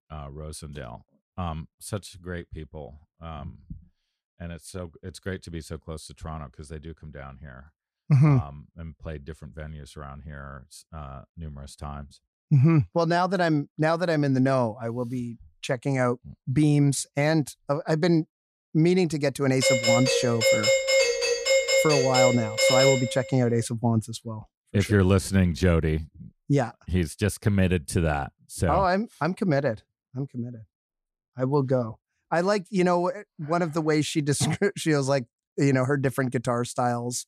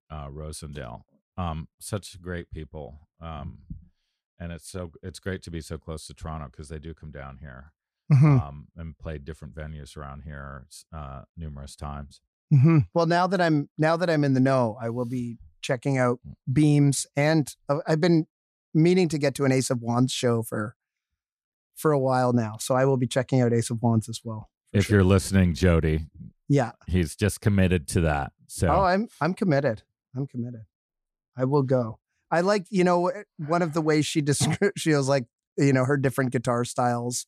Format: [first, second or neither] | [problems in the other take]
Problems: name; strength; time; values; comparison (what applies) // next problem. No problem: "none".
second | doorbell; loud; from 20 to 23 s; peak 5 dB above the speech